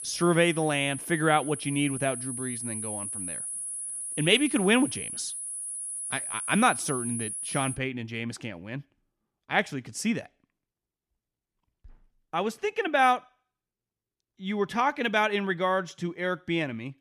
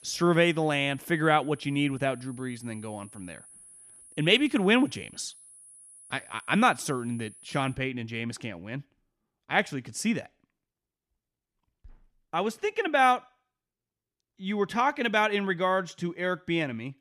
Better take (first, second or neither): second